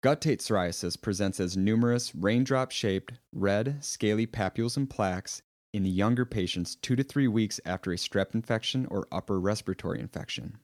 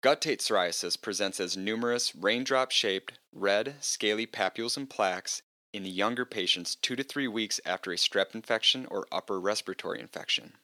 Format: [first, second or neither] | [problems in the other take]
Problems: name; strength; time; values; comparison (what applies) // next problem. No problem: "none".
first | thin; somewhat; fading below 450 Hz